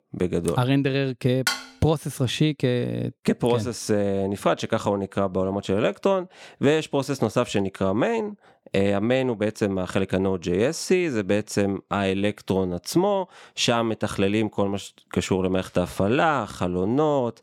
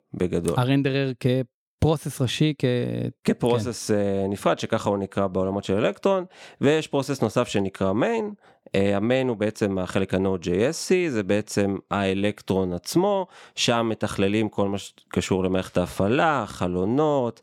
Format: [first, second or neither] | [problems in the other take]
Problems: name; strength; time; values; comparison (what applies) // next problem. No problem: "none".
second | clattering dishes; noticeable; at 1.5 s; peak 2 dB below the speech